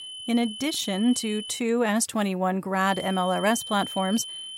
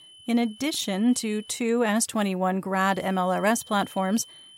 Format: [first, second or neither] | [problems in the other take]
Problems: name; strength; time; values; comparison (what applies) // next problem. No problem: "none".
second | high-pitched whine; loud; until 1.5 s and from 3 s on; 3 kHz, 10 dB below the speech; faint in the second